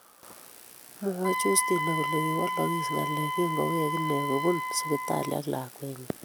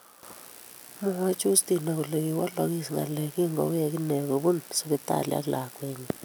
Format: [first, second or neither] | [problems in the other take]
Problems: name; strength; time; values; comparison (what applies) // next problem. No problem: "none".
second | background sound (Wind instrument, woodwind instrument); 2 dB below the speech